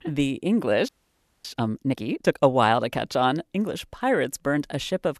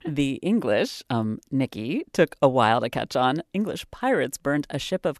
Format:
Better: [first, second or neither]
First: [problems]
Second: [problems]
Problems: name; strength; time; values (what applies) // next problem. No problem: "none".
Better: second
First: audio freezing; at 1 s for 0.5 s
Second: none